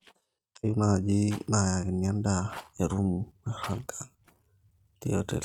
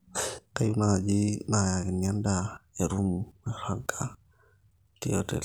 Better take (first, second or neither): second